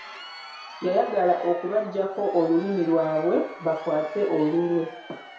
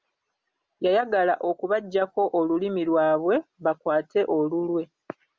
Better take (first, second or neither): second